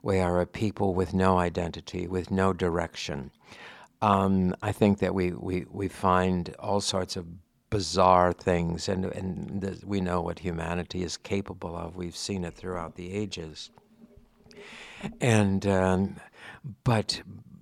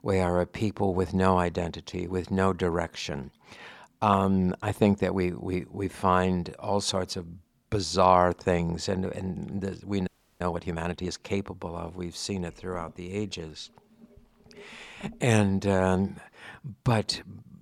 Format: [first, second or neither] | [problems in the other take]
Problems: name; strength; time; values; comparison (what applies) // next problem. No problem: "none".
first | audio freezing; at 10 s